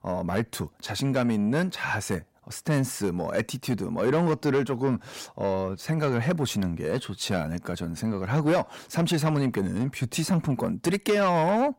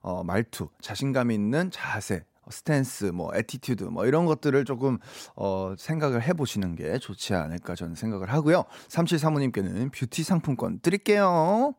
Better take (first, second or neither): second